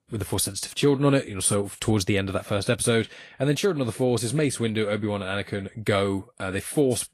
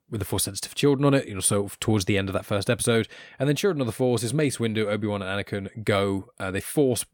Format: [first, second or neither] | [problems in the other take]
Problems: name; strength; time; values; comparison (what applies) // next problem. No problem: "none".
second | garbled, watery; slightly